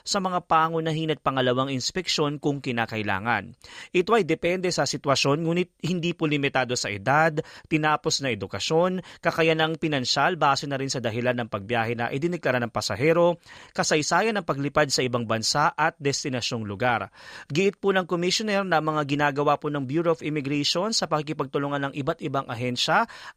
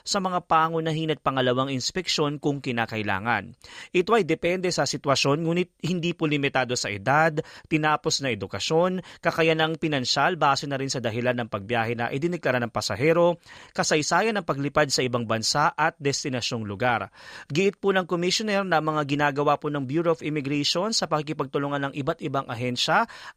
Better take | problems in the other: neither | none

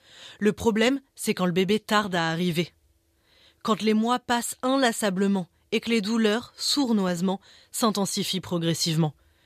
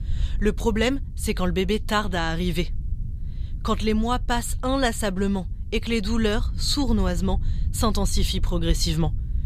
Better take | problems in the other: first | low rumble; faint; throughout; 20 dB below the speech

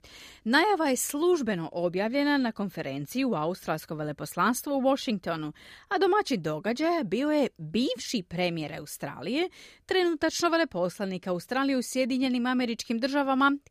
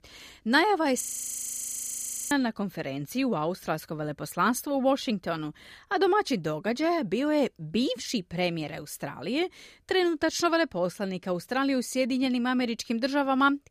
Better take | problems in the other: first | audio freezing; at 1 s for 1.5 s

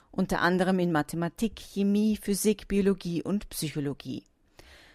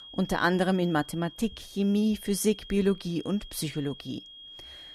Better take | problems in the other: first | high-pitched whine; noticeable; throughout; 3.5 kHz, 15 dB below the speech

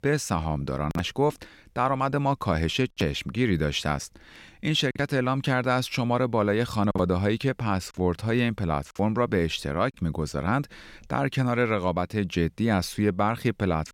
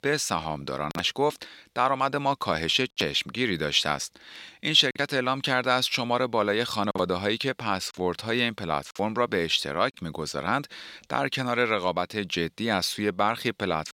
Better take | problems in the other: first | thin; very slightly; fading below 950 Hz

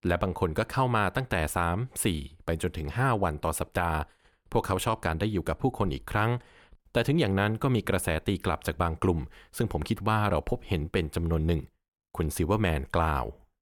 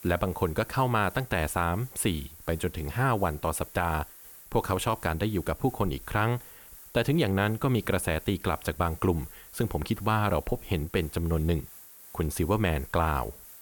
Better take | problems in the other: first | hiss; noticeable; throughout; 15 dB below the speech

